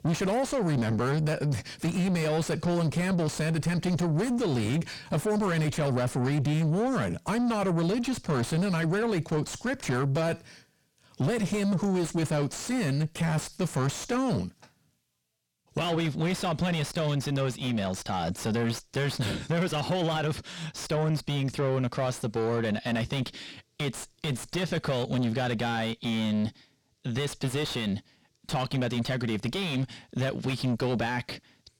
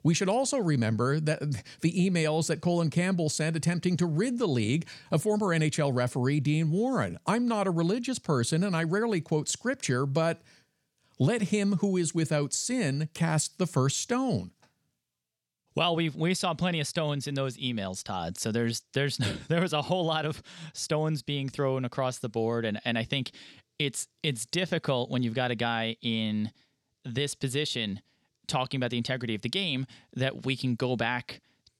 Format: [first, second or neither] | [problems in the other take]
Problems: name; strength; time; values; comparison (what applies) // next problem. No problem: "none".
second | distortion; heavy; 6 dB below the speech